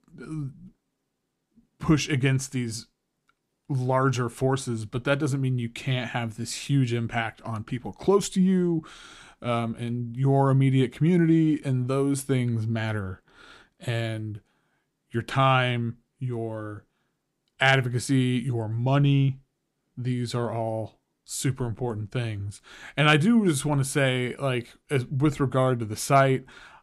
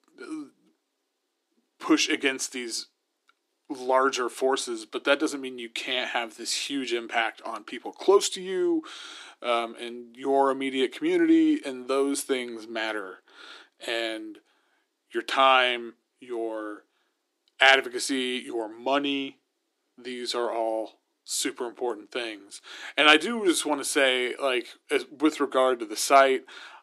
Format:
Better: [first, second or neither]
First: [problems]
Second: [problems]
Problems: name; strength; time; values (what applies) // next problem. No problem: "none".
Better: first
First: none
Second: thin; somewhat; fading below 300 Hz